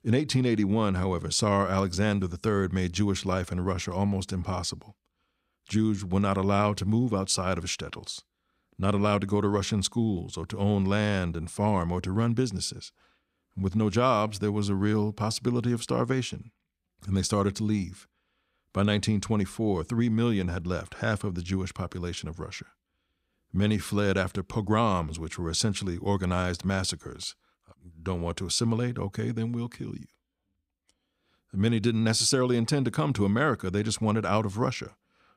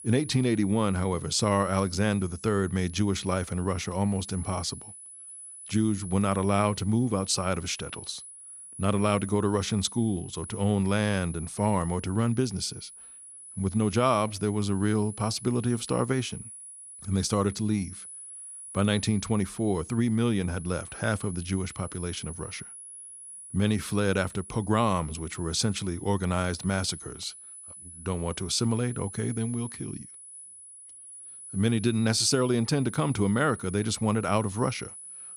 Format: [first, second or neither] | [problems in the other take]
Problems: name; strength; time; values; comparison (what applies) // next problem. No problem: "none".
first | high-pitched whine; noticeable; throughout; 10 kHz, 15 dB below the speech